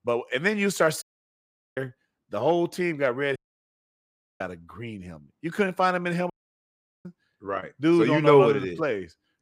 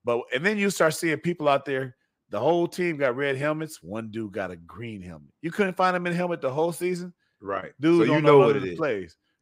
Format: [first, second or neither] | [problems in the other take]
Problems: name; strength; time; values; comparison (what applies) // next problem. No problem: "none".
second | audio cutting out; at 1 s for 1 s, at 3.5 s for 1 s and at 6.5 s for 1 s